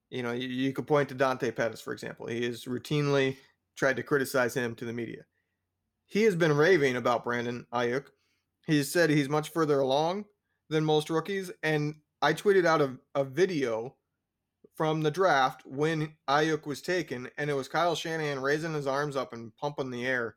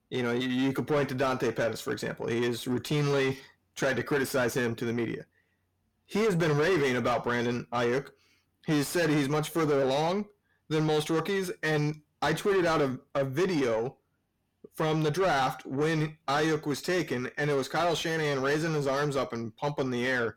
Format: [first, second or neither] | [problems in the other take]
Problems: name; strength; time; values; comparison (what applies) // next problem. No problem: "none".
first | distortion; heavy; 7 dB below the speech